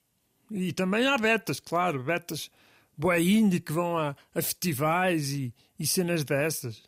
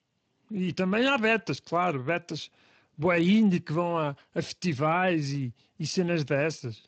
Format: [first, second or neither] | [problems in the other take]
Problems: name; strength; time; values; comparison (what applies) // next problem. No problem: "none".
first | garbled, watery; slightly